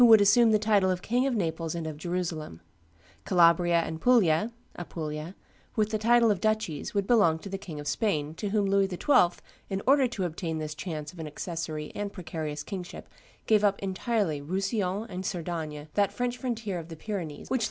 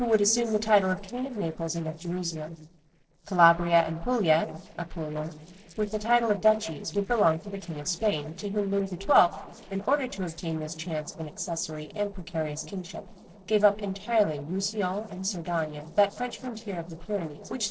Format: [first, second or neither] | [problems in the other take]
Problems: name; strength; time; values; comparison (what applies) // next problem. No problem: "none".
first | noise reduction (neural separator model SepFormer DNS4)